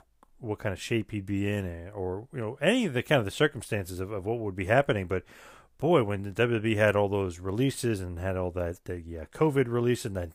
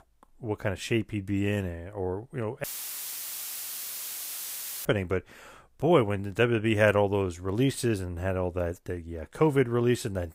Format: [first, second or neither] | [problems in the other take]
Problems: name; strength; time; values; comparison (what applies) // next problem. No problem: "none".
first | audio cutting out; filled with static; at 2.5 s for 2 s